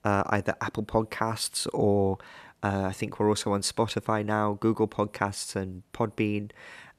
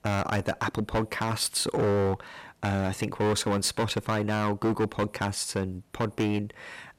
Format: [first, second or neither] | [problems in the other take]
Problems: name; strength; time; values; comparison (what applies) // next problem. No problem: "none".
first | distortion; heavy; 11% of the sound clipped